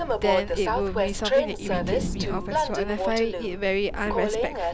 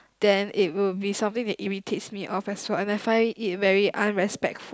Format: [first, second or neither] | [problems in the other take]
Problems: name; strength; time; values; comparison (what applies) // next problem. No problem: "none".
second | background sound (Train); 2 dB above the speech